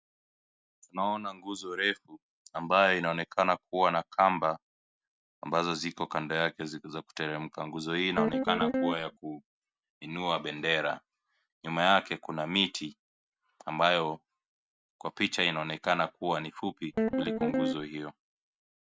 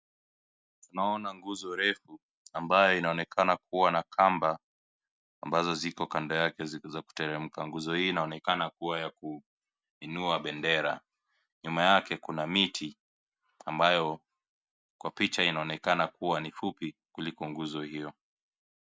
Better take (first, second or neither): second